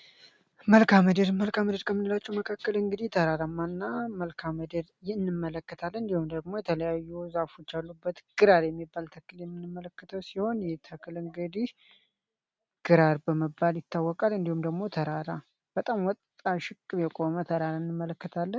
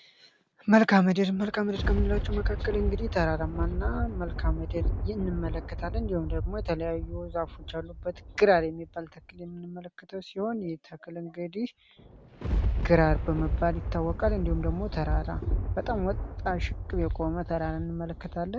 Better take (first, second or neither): first